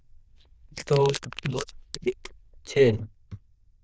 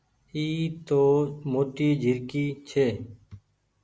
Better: second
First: noise reduction (neural diffusion model UNIVERSE++)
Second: none

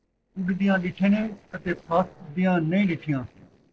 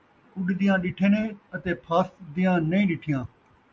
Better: second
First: noise reduction (neural separator model SepFormer DNS4)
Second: none

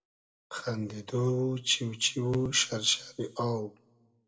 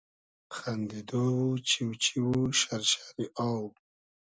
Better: second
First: room echo; dies away in 0.3 s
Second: none

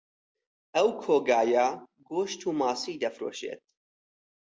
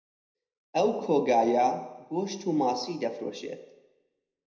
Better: first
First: none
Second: room echo; dies away in 0.8 s

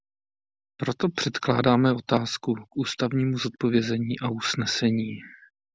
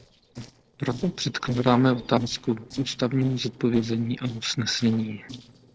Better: first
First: none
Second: noise reduction (neural separator model SepFormer DNS4)

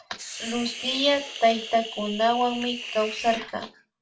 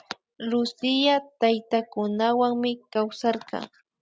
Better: second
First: background sound (Hiss); 10 dB below the speech // room echo; dies away in 0.2 s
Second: none

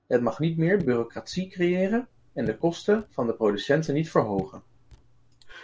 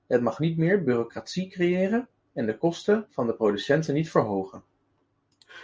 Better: second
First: background sound (Raindrop / Drip); 18 dB below the speech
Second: none

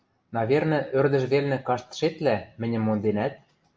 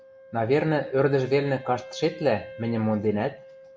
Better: first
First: none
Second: background sound (Wind instrument, woodwind instrument); 18 dB below the speech

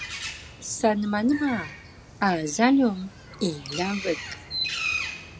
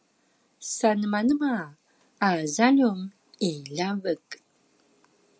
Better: second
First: background sound (Bird); 9 dB below the speech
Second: none

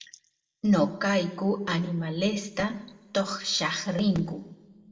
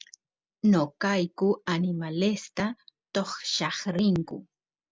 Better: second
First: room echo; dies away in 0.7 s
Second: none

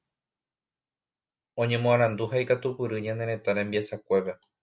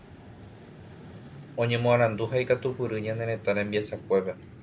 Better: first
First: none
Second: background sound (Vehicle); 17 dB below the speech

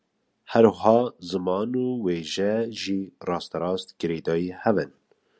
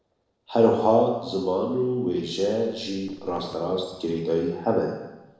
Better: first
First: none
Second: noise reduction (neural separator model SepFormer DNS4)

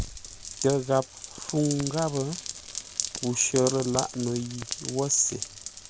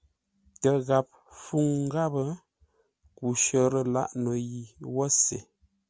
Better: second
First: background sound (Rain); 8 dB below the speech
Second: none

